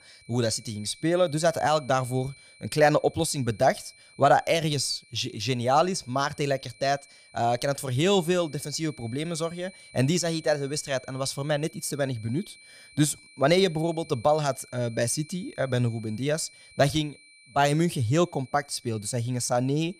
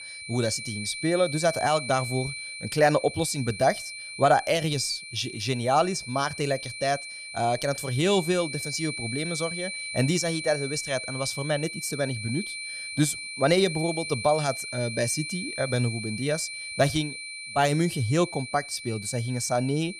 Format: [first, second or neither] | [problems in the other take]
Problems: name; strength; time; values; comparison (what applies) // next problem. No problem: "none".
first | high-pitched whine; loud; throughout; 2.5 kHz, 8 dB below the speech; faint in the first